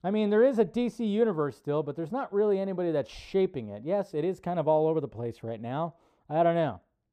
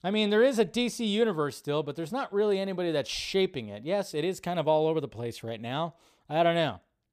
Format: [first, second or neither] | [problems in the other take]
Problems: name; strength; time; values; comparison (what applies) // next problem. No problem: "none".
second | muffled; slightly; fading above 2 kHz